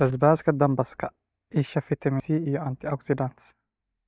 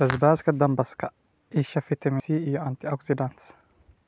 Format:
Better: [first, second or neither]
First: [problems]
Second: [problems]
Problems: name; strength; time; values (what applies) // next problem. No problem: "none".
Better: second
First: noise reduction (neural mask model DeepFilterNet 3)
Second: none